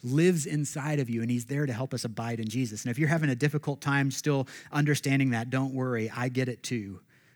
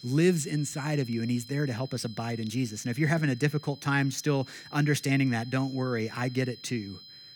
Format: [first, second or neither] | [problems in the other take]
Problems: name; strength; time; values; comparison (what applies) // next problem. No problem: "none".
first | high-pitched whine; noticeable; throughout; 4 kHz, 20 dB below the speech